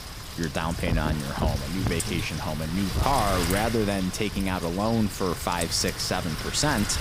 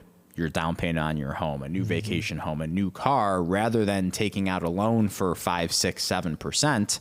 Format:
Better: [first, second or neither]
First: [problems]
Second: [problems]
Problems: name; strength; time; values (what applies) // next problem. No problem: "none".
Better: second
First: wind noise on the microphone; heavy; 6 dB below the speech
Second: none